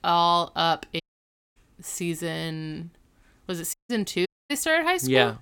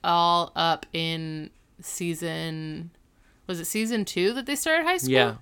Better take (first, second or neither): second